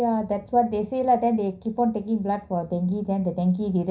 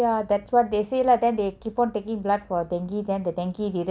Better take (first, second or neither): second